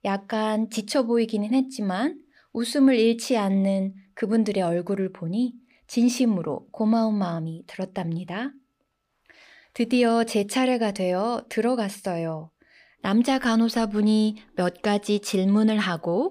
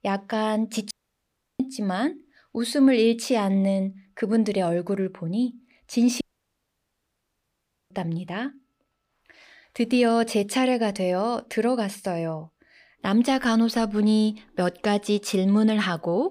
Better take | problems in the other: first | audio cutting out; at 1 s for 0.5 s and at 6 s for 1.5 s

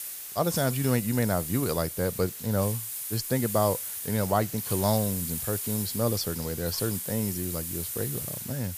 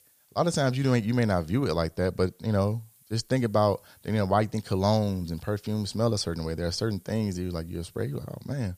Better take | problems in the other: second | hiss; loud; throughout; 3 dB below the speech; faint in the second

